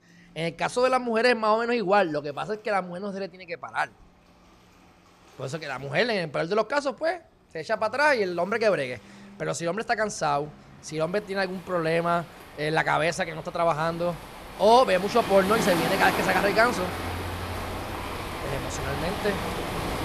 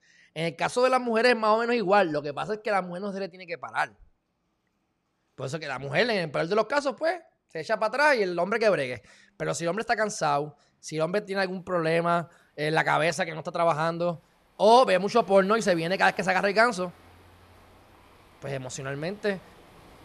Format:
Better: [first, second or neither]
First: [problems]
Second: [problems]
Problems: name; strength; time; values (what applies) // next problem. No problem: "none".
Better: second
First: rain or running water; loud; throughout; 6 dB below the speech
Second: rain or running water; faint; throughout; 30 dB below the speech